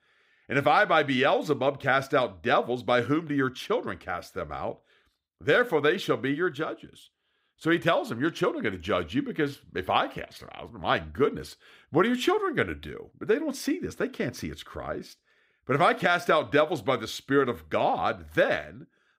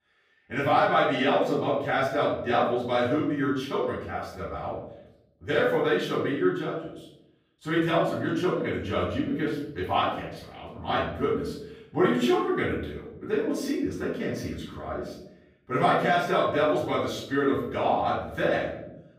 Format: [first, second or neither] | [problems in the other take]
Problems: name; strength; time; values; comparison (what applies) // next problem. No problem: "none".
first | off-mic speech; far // room echo; noticeable; dies away in 0.7 s